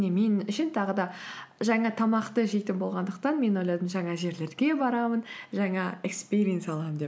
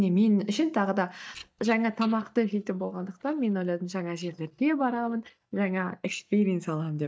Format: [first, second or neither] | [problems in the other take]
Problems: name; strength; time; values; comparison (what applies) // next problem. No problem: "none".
first | noise reduction (neural mask model DeepFilterNet 3)